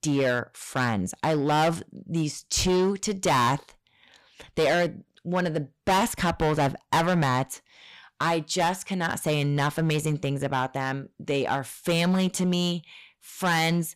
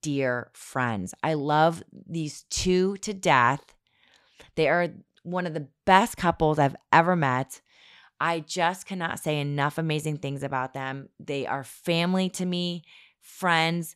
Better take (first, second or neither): second